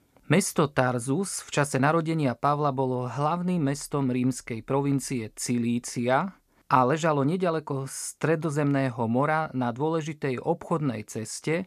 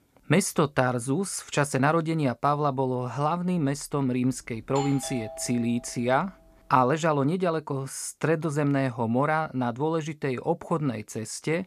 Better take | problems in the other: first | doorbell; noticeable; from 4.5 to 6 s; peak 10 dB below the speech

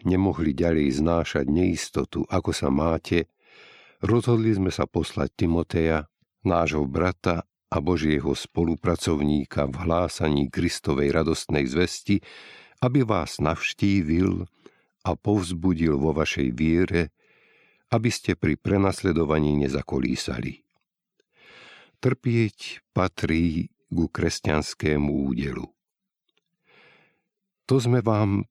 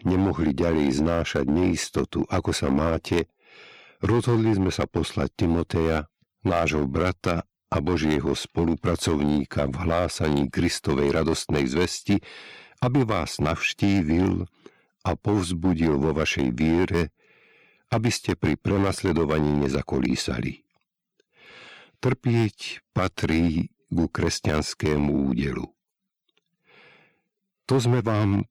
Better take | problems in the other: first | distortion; slight; 5% of the sound clipped

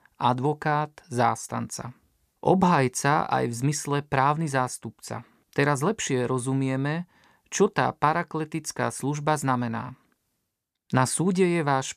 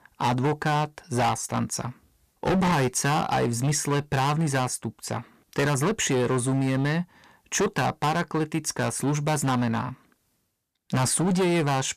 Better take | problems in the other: first | distortion; heavy; 16% of the sound clipped

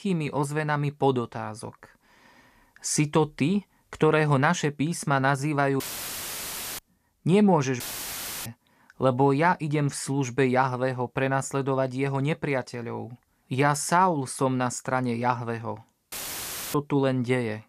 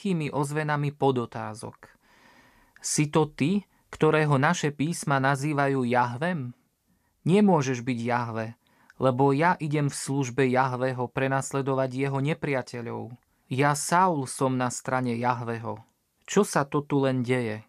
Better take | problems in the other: second | audio cutting out; filled with static; at 6 s for 1 s, at 8 s for 0.5 s and at 16 s for 0.5 s

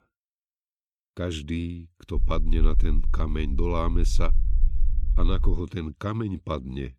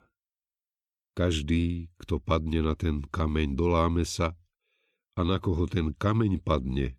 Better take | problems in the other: second | low rumble; noticeable; from 2 to 5.5 s; 20 dB below the speech

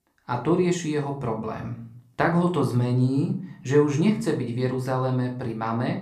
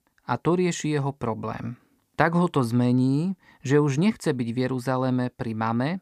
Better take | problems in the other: second | room echo; slight; dies away in 0.4 s // off-mic speech; somewhat distant

